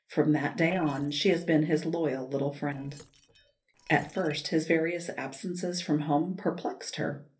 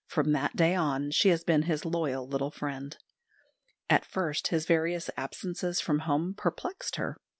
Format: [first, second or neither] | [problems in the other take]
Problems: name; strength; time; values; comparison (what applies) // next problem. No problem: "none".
second | noise reduction (neural separator model SepFormer DNS4)